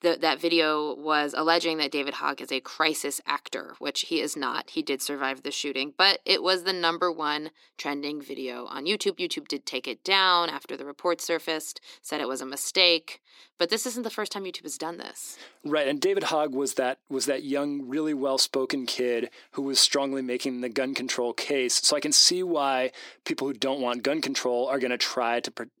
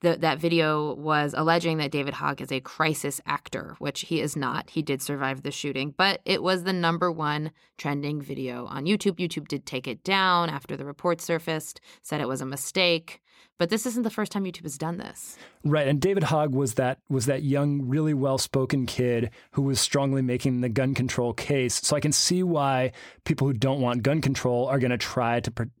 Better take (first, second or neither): second